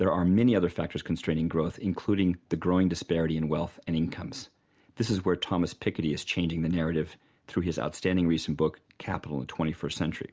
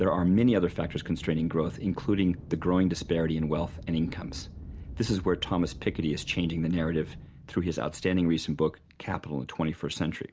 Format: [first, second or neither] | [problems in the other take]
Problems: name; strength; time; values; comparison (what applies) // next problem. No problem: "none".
first | background sound (Aircraft); 15 dB below the speech